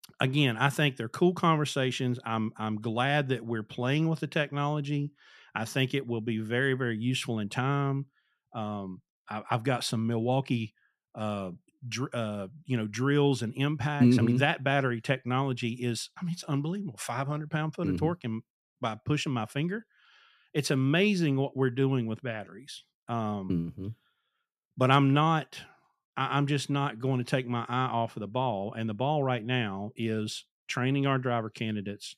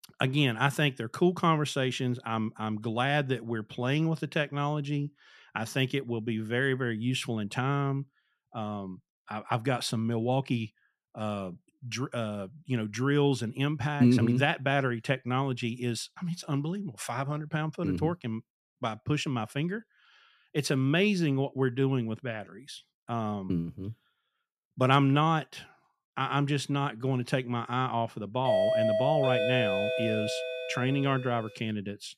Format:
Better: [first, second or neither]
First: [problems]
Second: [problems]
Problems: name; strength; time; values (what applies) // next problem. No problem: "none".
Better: first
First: none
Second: doorbell; loud; from 28 to 31 s; peak 4 dB above the speech